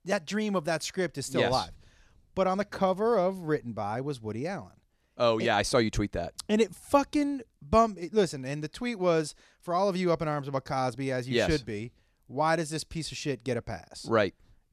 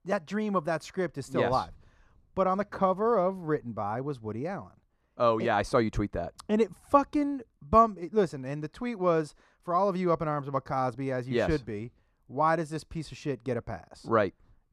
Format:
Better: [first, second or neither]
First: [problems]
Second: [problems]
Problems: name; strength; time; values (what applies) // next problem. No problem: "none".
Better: first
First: none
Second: muffled; slightly; fading above 2 kHz